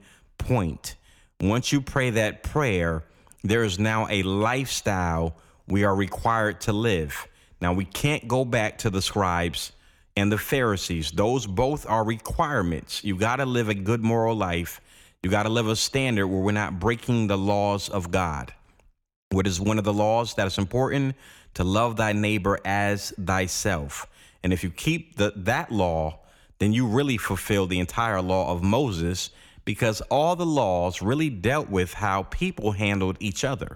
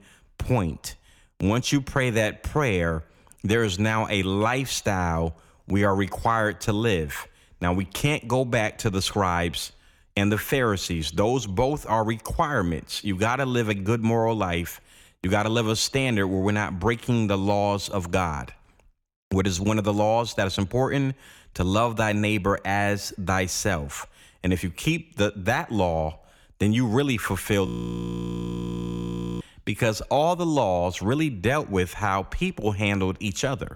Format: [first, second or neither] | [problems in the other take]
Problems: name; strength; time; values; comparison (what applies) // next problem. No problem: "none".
first | audio freezing; at 28 s for 1.5 s